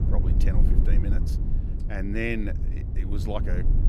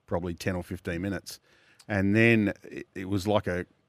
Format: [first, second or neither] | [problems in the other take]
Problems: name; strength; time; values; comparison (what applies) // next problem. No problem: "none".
second | low rumble; loud; throughout; 7 dB below the speech